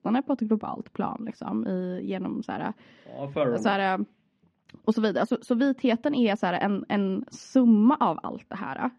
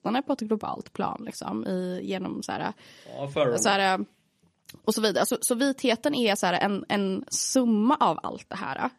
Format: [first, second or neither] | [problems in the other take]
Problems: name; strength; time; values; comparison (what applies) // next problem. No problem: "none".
second | muffled; slightly; fading above 2.5 kHz